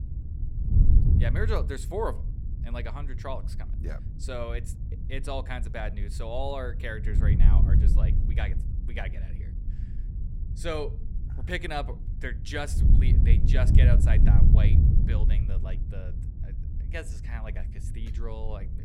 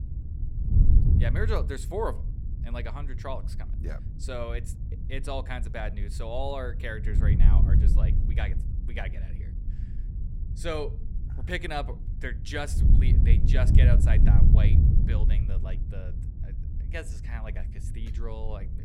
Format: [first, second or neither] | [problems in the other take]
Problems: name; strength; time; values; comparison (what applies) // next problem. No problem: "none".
neither | wind noise on the microphone; heavy; 6 dB below the speech; the same in both